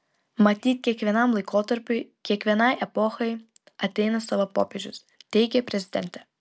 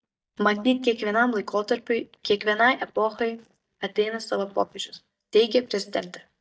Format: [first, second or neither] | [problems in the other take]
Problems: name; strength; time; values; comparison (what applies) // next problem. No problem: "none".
first | noise reduction (neural mask model DeepFilterNet 3)